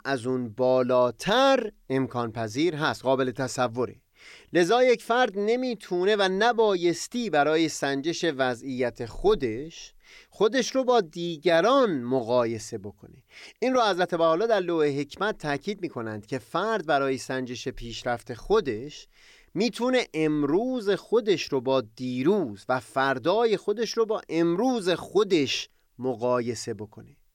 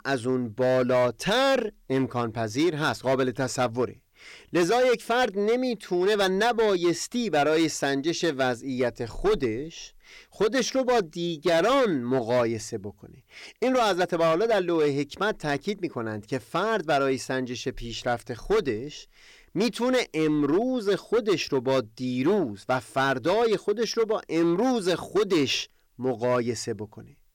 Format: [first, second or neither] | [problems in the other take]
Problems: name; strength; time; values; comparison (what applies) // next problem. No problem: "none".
first | distortion; slight; 8% of the sound clipped